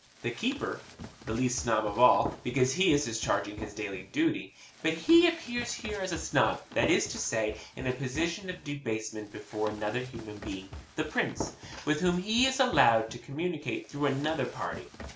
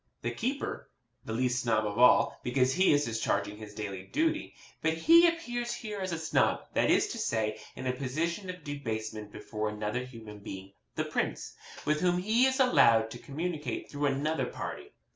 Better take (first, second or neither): second